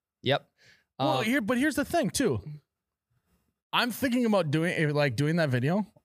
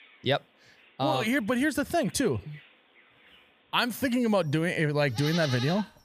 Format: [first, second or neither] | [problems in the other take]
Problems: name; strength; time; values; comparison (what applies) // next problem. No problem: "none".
first | animal sounds; noticeable; throughout; 10 dB below the speech